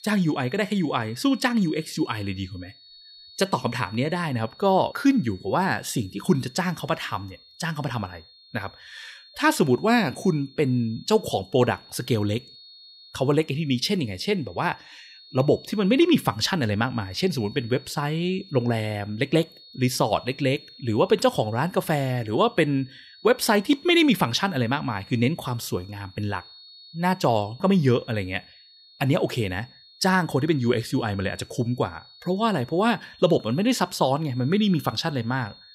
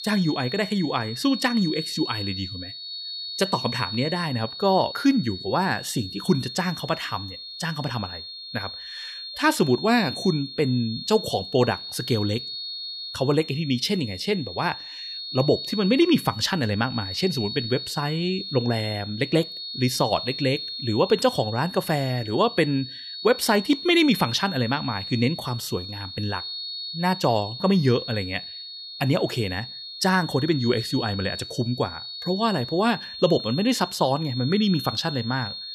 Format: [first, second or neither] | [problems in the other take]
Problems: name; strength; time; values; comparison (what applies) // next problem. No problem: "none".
first | high-pitched whine; loud; throughout; 4.5 kHz, 8 dB below the speech; faint in the first